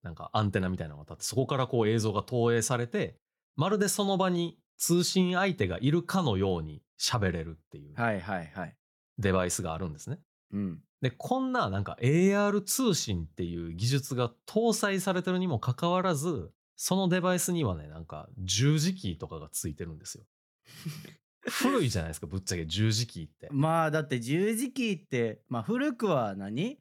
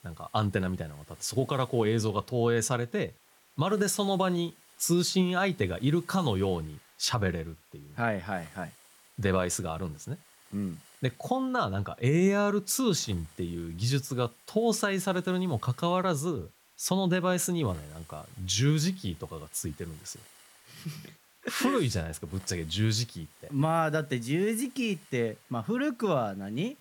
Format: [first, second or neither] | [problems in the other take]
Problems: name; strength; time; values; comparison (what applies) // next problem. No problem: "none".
first | hiss; faint; throughout; 25 dB below the speech